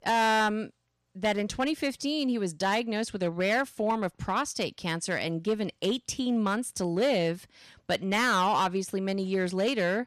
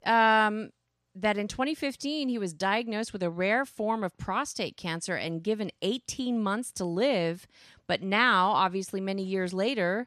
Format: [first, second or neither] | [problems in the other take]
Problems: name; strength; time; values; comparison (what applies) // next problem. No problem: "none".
second | distortion; slight; 6% of the sound clipped